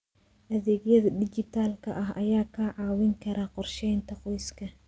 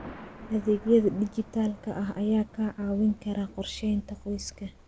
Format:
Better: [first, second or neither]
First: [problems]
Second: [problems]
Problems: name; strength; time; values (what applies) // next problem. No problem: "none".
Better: first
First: none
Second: background sound (Thunder); 19 dB below the speech